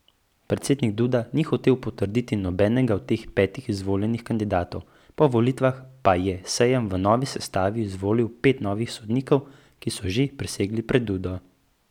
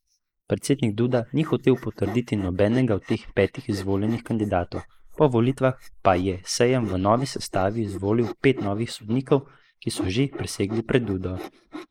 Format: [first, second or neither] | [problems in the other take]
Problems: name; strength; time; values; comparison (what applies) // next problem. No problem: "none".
first | noise reduction (neural mask model Resemble Enhance denoiser)